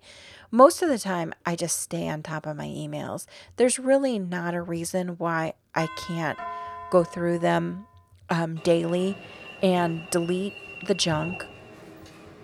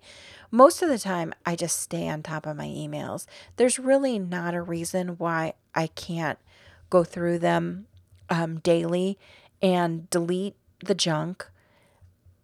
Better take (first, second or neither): second